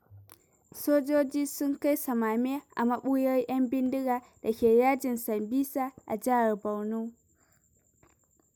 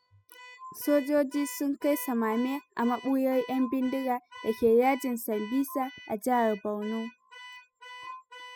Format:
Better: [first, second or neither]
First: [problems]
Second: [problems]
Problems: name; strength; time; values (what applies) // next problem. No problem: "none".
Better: first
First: none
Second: noise reduction (classical method spectral subtraction)